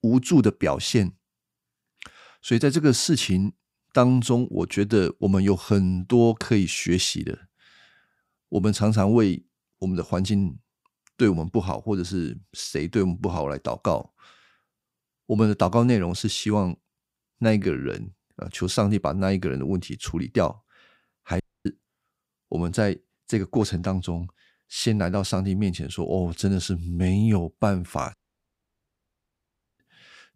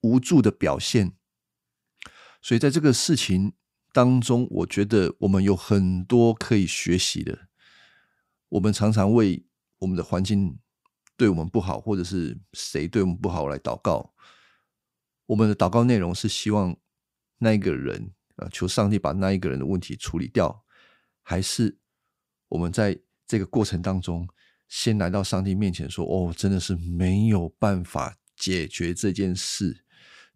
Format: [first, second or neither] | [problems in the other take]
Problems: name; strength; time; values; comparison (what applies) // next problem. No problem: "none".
second | audio cutting out; at 21 s and at 28 s for 1.5 s